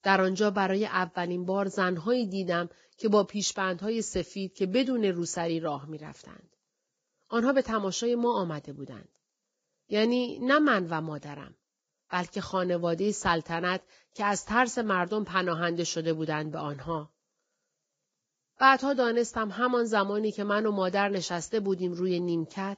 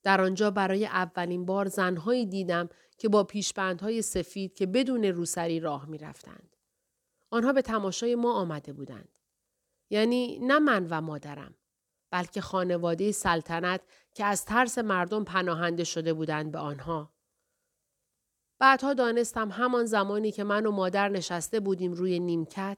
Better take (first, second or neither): second